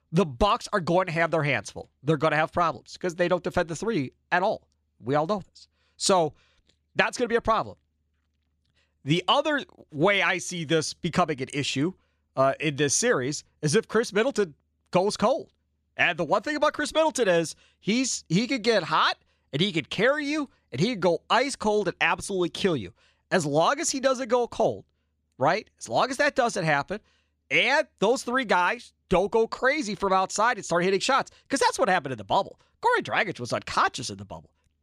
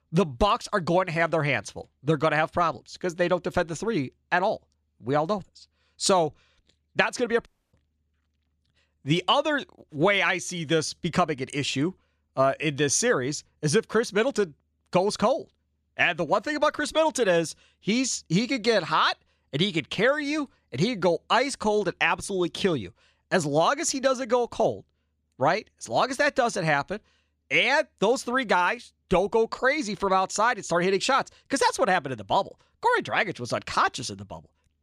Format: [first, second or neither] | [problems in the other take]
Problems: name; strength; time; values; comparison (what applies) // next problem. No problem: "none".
first | audio cutting out; at 7.5 s